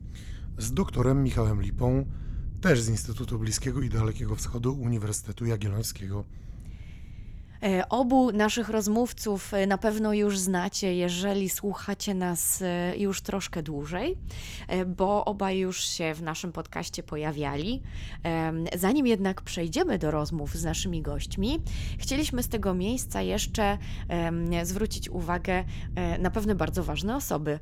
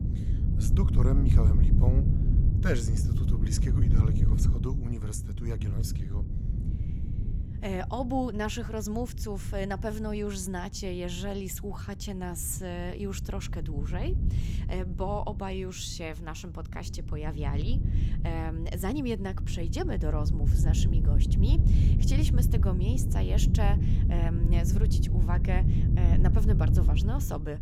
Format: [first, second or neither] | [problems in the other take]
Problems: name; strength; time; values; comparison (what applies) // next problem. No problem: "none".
first | wind noise on the microphone; heavy; 4 dB below the speech; occasional gusts in the first